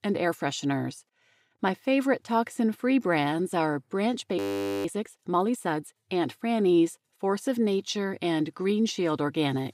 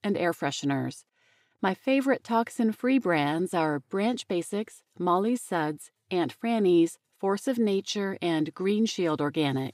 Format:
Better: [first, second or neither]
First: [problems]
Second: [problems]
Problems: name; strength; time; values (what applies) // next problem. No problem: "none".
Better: second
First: audio freezing; at 4.5 s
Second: none